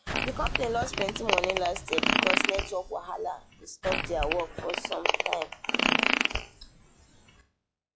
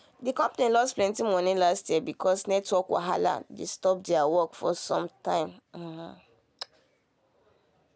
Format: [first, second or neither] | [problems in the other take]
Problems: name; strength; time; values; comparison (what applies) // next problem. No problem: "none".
second | noise reduction (classical method log-MMSE)